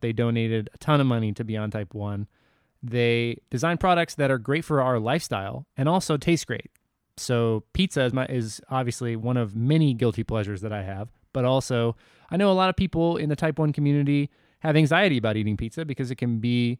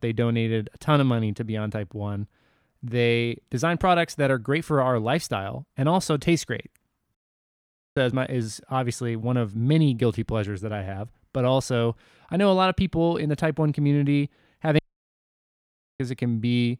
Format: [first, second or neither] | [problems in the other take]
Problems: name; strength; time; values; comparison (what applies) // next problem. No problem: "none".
first | audio cutting out; at 7 s for 1 s and at 15 s for 1 s